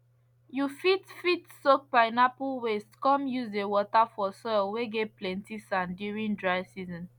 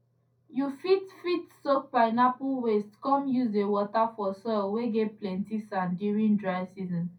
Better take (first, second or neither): first